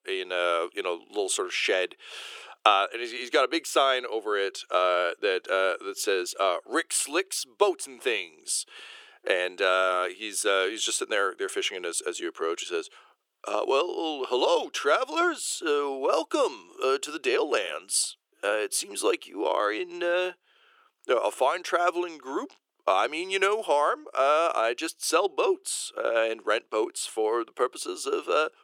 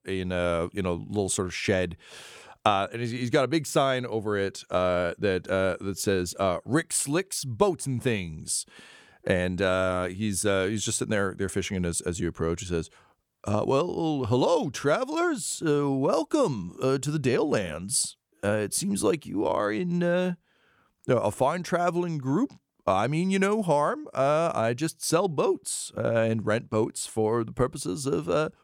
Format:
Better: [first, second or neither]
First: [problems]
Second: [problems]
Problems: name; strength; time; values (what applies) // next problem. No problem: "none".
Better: second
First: thin; very; fading below 350 Hz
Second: none